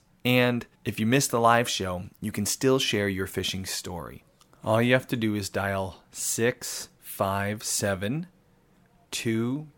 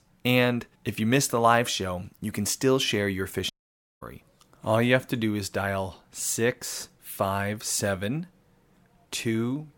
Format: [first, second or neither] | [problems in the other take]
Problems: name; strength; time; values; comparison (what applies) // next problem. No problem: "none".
first | audio cutting out; at 3.5 s for 0.5 s